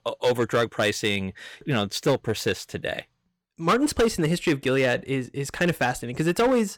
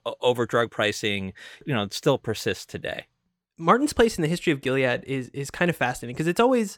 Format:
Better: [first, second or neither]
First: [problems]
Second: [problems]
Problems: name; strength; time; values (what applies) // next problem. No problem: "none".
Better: second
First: distortion; slight; 5% of the sound clipped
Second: none